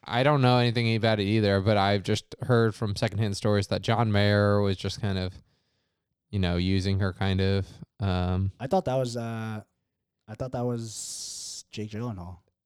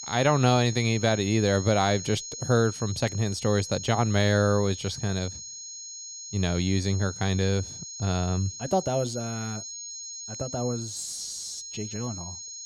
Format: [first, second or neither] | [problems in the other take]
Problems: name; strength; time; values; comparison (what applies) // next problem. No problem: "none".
first | high-pitched whine; loud; throughout; 6.5 kHz, 10 dB below the speech